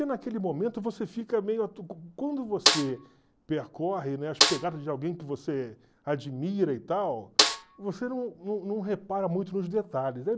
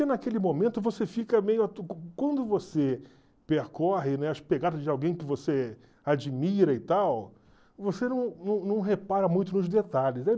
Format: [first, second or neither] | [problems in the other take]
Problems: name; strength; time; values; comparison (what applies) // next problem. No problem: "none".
second | background sound (Snare drum); 2 dB above the speech